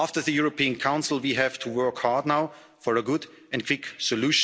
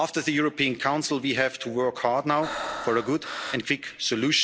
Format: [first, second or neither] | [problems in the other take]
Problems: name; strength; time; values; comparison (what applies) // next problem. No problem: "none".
first | background sound (Breathing); 10 dB below the speech